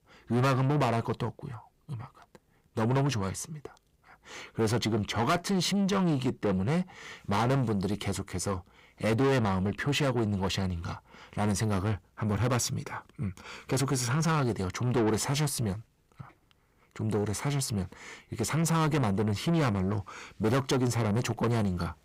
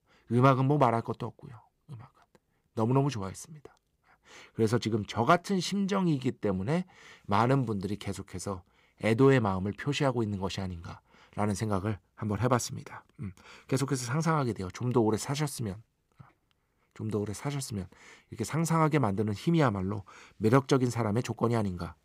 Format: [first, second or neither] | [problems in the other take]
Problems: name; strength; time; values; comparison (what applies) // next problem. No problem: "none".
second | distortion; heavy; 6 dB below the speech